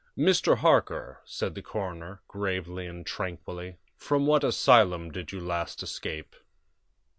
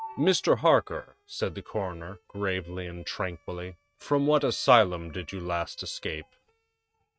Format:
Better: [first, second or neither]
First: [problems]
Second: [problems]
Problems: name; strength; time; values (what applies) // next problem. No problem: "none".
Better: first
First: none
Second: noise reduction (neural mask model RNNoise)